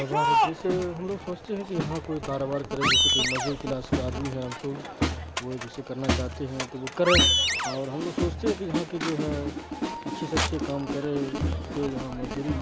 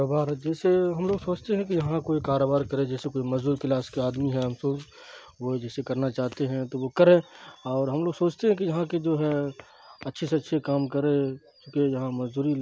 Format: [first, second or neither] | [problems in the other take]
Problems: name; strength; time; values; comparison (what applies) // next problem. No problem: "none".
second | background sound (Animal + Crowd); 3 dB above the speech